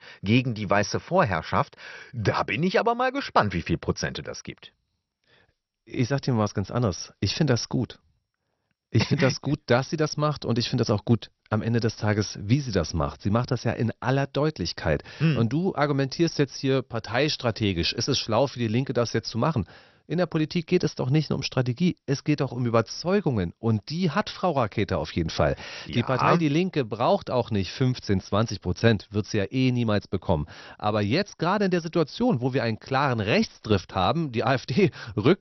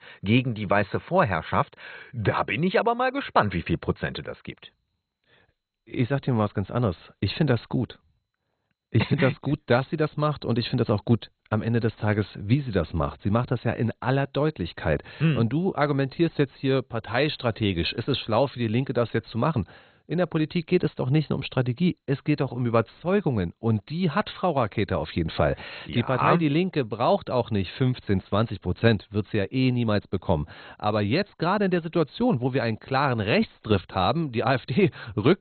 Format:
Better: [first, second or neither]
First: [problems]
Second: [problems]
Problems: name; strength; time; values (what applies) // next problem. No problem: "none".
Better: first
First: garbled, watery; slightly; nothing above 6 kHz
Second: garbled, watery; badly; nothing above 4 kHz